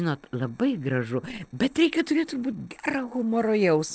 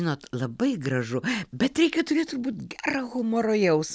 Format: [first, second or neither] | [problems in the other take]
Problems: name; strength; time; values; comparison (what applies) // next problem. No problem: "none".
second | noise reduction (neural separator model SepFormer DNS4)